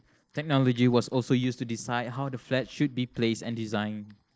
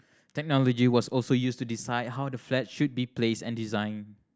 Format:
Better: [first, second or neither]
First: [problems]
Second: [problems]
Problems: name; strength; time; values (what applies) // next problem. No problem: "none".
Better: second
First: noise reduction (neural separator model SepFormer DNS4)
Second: none